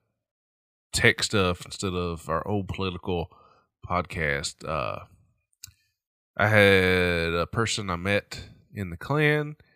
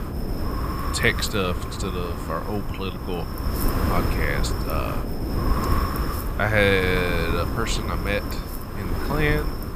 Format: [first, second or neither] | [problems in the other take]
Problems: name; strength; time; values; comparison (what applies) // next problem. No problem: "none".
first | wind noise on the microphone; heavy; 6 dB below the speech